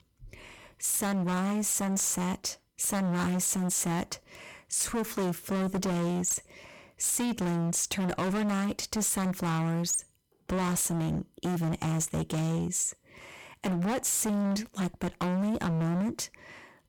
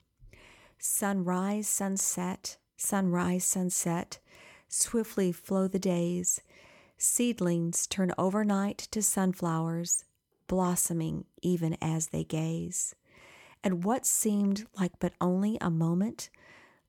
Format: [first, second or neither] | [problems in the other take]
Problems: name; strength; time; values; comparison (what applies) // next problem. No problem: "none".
second | distortion; heavy; 30% of the sound clipped